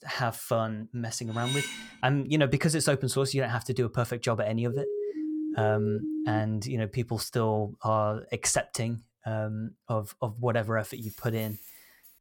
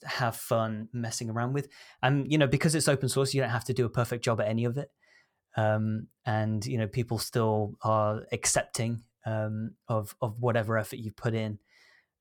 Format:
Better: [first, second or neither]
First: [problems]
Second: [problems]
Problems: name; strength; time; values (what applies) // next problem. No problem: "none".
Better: second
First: clattering dishes; noticeable; at 1.5 s; peak 2 dB below the speech // siren; noticeable; from 4.5 to 6.5 s; peak 3 dB below the speech // jangling keys; faint; from 11 s on; peak 15 dB below the speech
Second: none